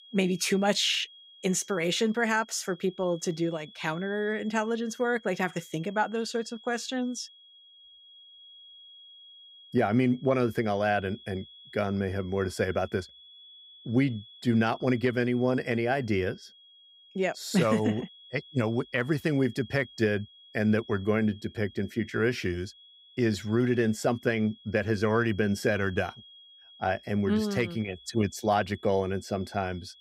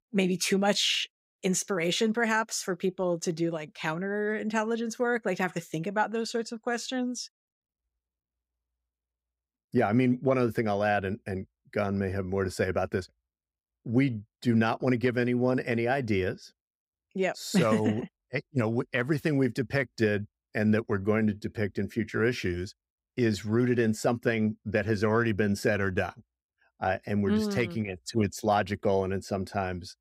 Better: second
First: high-pitched whine; faint; throughout; 3.5 kHz, 20 dB below the speech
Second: none

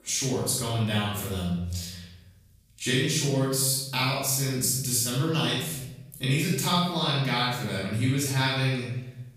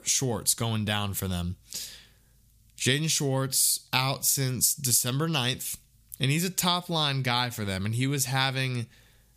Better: second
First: off-mic speech; far // room echo; strong; dies away in 0.9 s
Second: none

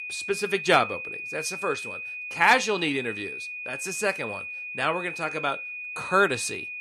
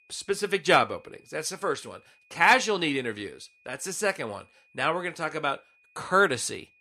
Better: second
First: high-pitched whine; loud; throughout; 2.5 kHz, 8 dB below the speech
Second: high-pitched whine; faint; throughout; 2.5 kHz, 35 dB below the speech

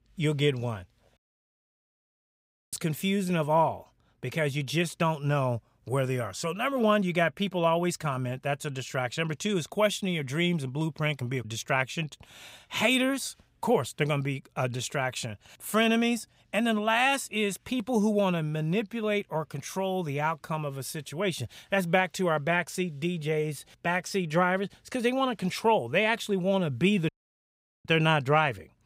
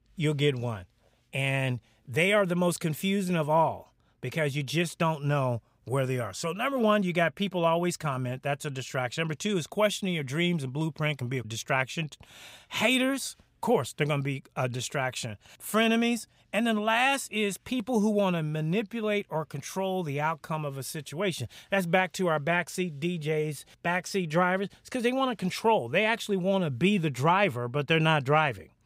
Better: second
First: audio cutting out; at 1 s for 1.5 s and at 27 s for 1 s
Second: none

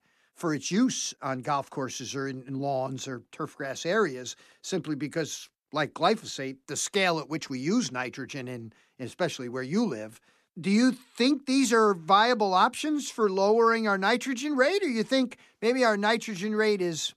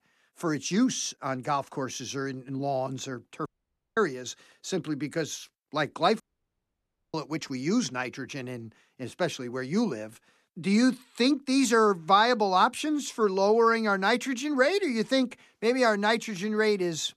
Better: first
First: none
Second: audio cutting out; at 3.5 s for 0.5 s and at 6 s for 1 s

